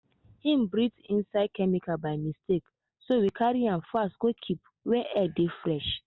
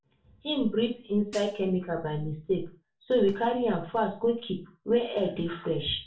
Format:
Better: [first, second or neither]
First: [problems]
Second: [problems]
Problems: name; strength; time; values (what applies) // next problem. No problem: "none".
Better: first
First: none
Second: background sound (Hi-hat); 20 dB below the speech // room echo; dies away in 0.3 s